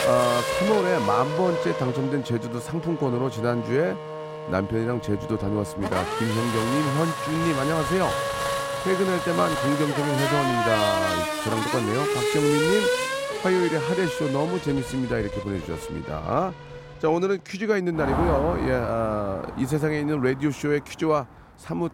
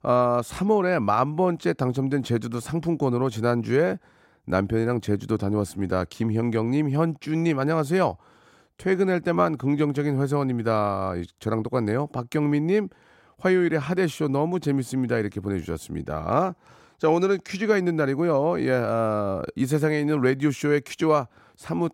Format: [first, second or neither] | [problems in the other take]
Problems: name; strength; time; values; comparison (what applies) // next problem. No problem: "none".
second | traffic noise; loud; throughout; 2 dB below the speech